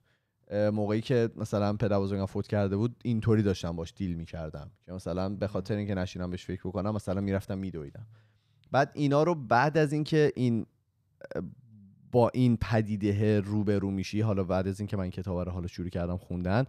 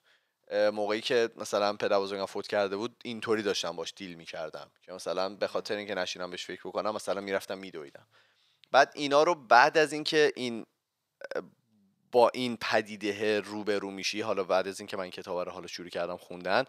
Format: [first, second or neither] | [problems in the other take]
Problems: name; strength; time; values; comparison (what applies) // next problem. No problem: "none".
first | thin; very; fading below 500 Hz